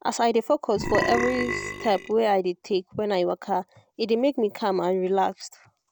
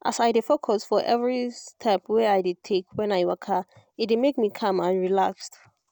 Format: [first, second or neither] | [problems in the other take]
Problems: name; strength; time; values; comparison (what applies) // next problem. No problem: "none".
second | background sound (Burping, eructation); 4 dB below the speech